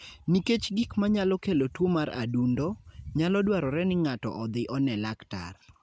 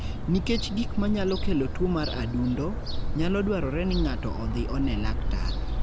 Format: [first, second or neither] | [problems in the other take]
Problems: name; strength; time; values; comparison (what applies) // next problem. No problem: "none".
first | background sound (Gull, seagull / Fowl); as loud as the speech